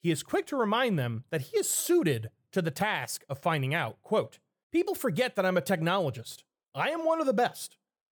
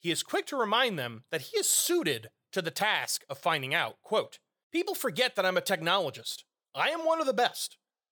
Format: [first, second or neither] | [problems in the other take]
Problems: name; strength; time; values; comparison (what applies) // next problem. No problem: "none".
first | thin; somewhat; fading below 600 Hz